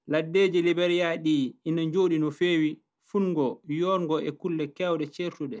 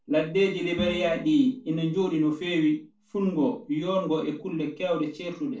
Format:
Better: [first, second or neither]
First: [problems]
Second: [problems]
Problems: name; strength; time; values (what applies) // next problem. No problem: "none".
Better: first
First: none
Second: background sound (Bowed string instrument); 15 dB below the speech // room echo; dies away in 0.3 s